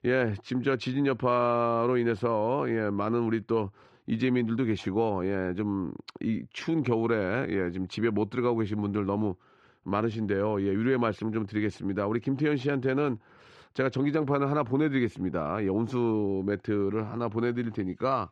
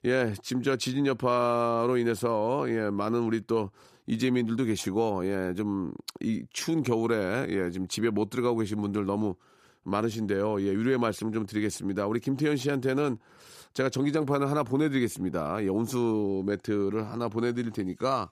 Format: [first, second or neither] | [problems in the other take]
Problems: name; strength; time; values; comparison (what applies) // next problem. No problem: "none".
second | muffled; slightly; fading above 2.5 kHz